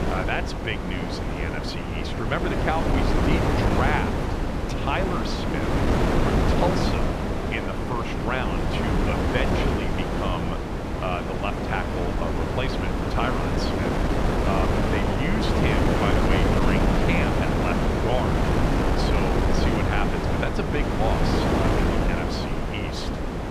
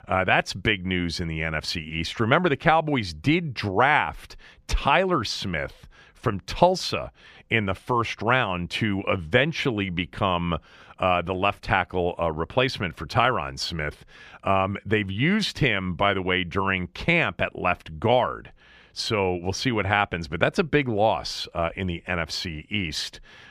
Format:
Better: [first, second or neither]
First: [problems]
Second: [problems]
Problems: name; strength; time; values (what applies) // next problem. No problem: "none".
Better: second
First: wind noise on the microphone; heavy; 3 dB above the speech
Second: none